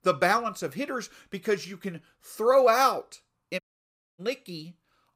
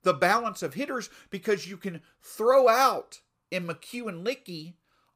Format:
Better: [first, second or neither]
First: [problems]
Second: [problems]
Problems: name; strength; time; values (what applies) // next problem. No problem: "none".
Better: second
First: audio cutting out; at 3.5 s for 0.5 s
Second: none